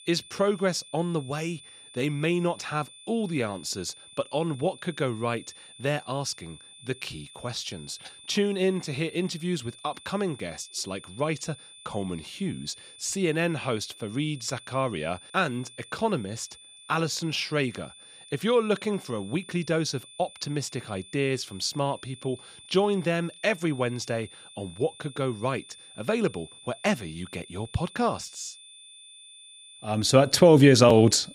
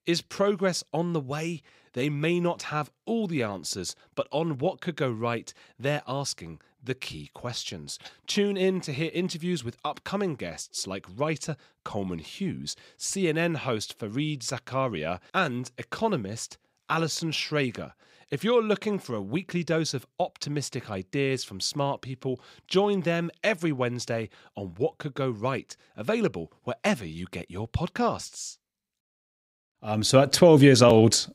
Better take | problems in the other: second | high-pitched whine; noticeable; throughout; 3.5 kHz, 20 dB below the speech

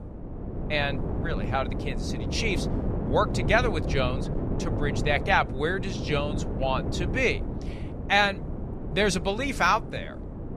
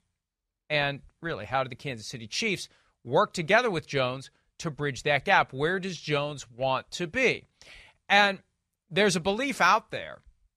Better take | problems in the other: second | wind noise on the microphone; occasional gusts; 10 dB below the speech

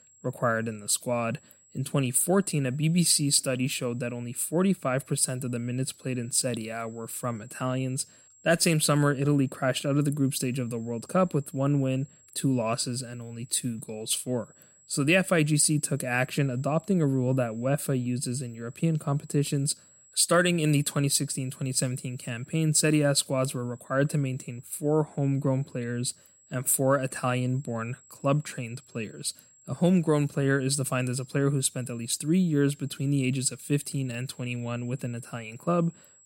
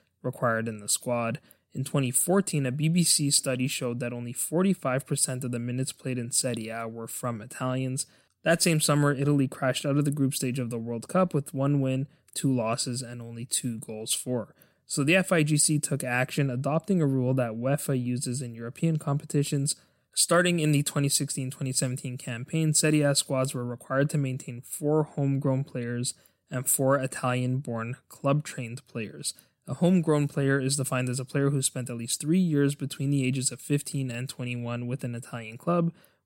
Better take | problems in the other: second | high-pitched whine; faint; throughout; 7.5 kHz, 30 dB below the speech

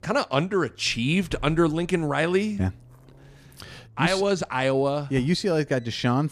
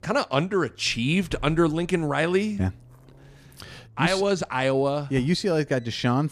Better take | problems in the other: neither | traffic noise; faint; throughout; 25 dB below the speech; the same in both

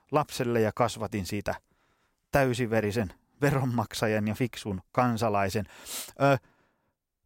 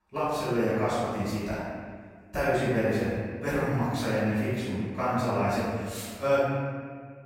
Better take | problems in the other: first | off-mic speech; far // room echo; strong; dies away in 1.7 s

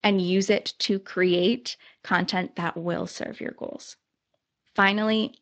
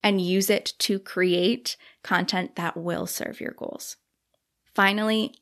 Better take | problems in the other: second | garbled, watery; slightly

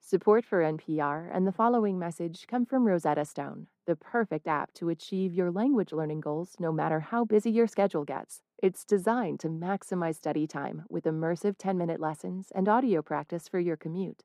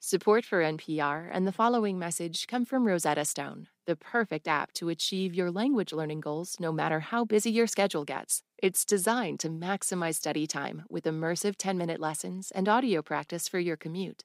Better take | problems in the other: second | muffled; very; fading above 2 kHz

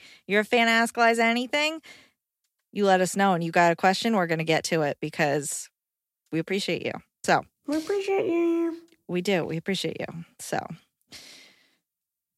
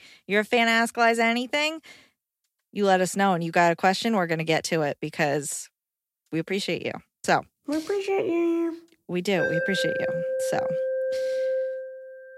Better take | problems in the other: first | alarm; noticeable; from 9.5 s on; peak 1 dB below the speech

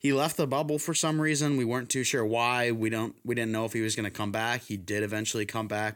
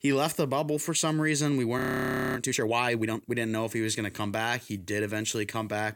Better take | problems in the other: first | audio freezing; at 2 s for 0.5 s

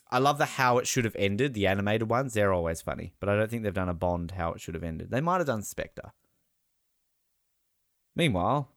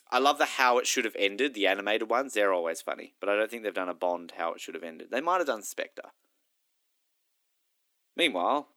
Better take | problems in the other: first | thin; somewhat; fading below 300 Hz

